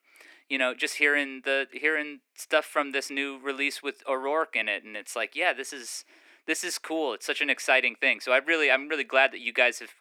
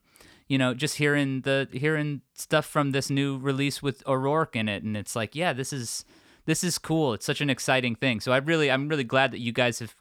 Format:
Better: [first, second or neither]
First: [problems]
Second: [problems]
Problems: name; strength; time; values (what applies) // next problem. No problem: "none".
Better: second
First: thin; somewhat; fading below 300 Hz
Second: none